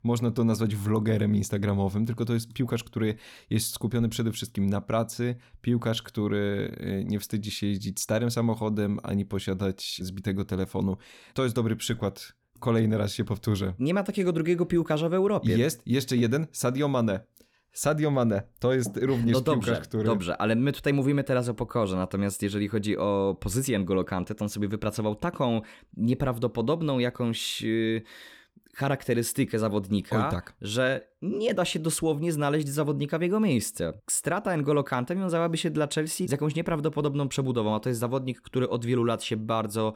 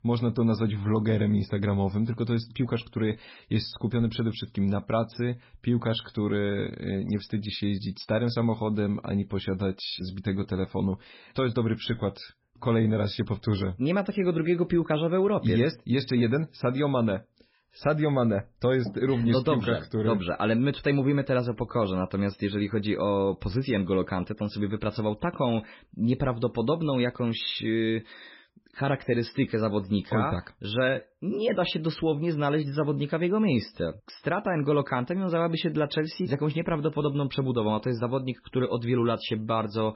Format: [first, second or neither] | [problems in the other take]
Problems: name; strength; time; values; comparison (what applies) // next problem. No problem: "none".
first | garbled, watery; badly; nothing above 5.5 kHz